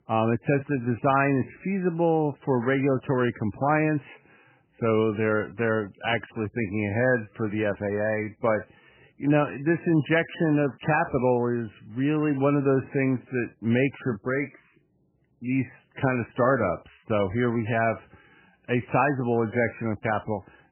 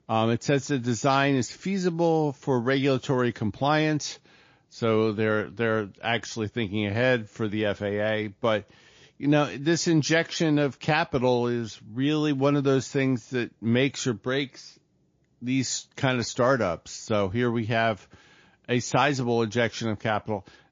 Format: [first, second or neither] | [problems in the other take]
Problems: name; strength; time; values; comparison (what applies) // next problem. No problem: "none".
second | garbled, watery; badly; nothing above 3 kHz; slightly in the second